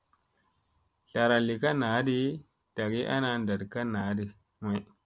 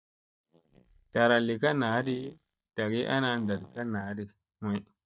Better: first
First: none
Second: noise reduction (neural mask model DeepFilterNet 3)

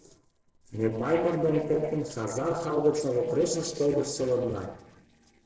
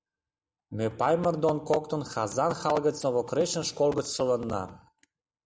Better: second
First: noise reduction (neural separator model SepFormer DNS4)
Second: none

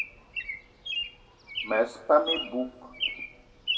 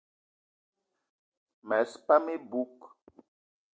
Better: second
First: background sound (Bird vocalization, bird call, bird song); 4 dB below the speech // room echo; dies away in 1.3 s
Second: none

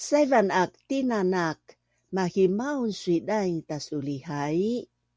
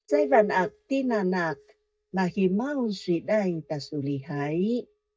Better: first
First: none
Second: noise reduction (neural mask model DeepFilterNet 3)

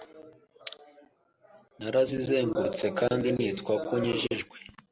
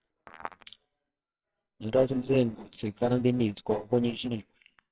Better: first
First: none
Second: noise reduction (neural separator model SepFormer WHAMR!)

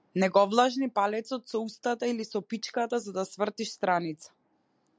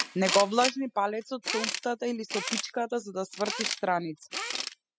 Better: first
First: none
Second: noise reduction (classical method spectral subtraction)

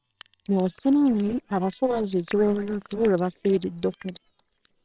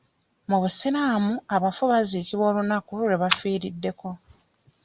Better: second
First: noise reduction (neural separator model SepFormer WHAMR!)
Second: none

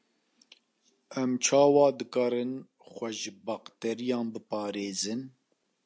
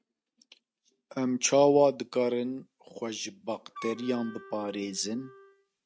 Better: first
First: none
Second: noise reduction (neural mask model RNNoise)

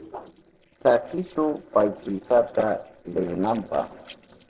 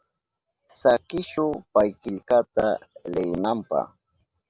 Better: second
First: noise reduction (neural separator model SepFormer DNS4)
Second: none

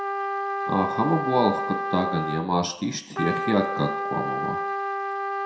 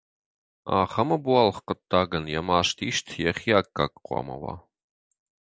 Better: second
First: background sound (Trumpet); 2 dB below the speech // room echo; dies away in 0.6 s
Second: none

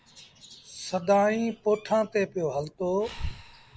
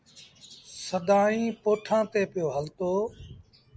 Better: second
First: background sound (Breathing); 15 dB below the speech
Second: none

